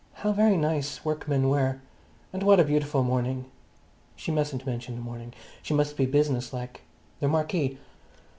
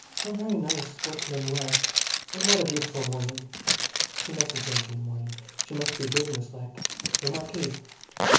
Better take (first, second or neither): first